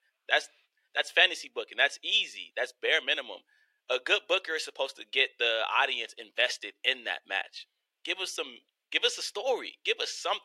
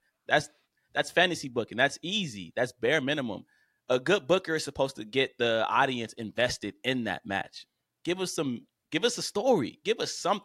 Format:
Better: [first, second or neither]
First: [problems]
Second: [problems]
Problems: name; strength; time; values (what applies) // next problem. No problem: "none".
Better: second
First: thin; very; fading below 450 Hz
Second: none